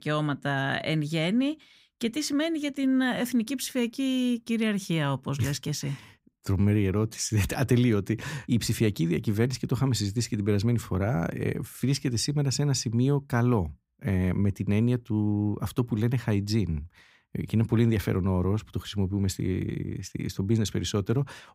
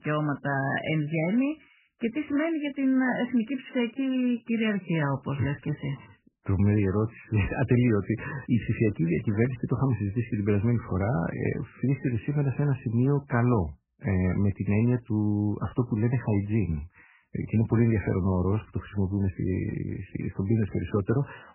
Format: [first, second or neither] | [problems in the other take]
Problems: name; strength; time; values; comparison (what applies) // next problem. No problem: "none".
first | garbled, watery; badly; nothing above 3 kHz